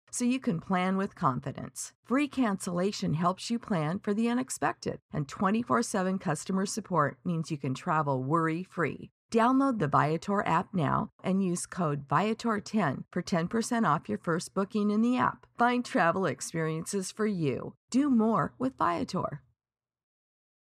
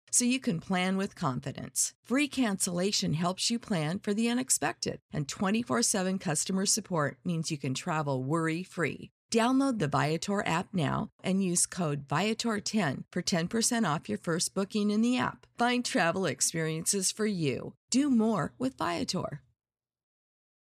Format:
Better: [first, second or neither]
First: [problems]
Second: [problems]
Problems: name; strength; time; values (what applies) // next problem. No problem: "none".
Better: second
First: muffled; slightly; fading above 2.5 kHz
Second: none